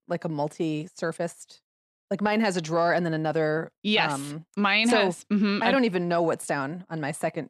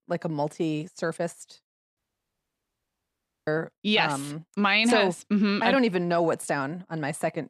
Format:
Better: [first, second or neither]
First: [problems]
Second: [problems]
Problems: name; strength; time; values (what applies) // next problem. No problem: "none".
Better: first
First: none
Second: audio cutting out; at 2 s for 1.5 s